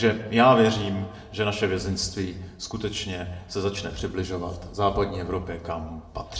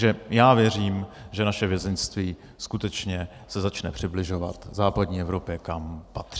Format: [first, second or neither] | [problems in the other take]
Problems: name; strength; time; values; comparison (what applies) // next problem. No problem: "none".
second | room echo; dies away in 0.7 s